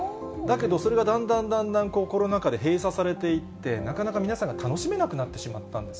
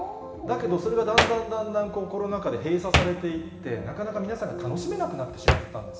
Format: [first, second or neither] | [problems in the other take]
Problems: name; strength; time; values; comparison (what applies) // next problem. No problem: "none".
first | background sound (Hands); 2 dB below the speech // room echo; dies away in 2 s